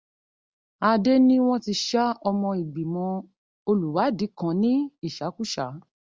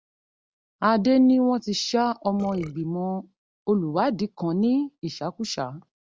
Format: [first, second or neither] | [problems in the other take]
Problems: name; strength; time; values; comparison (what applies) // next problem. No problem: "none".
first | background sound (Burping, eructation); 18 dB below the speech